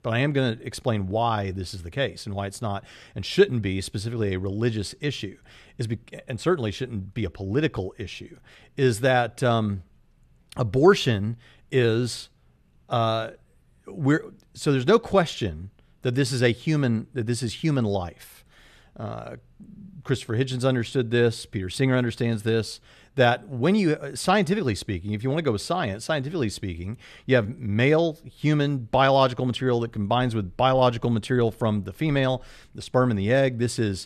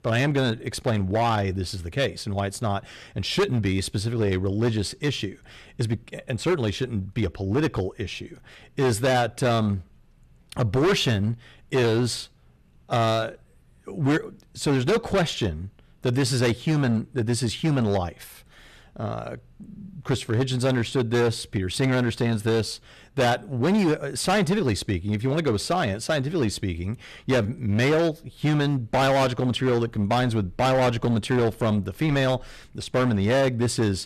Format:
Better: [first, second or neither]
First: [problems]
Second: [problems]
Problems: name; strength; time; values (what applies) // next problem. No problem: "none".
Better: first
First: none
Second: distortion; heavy; 10% of the sound clipped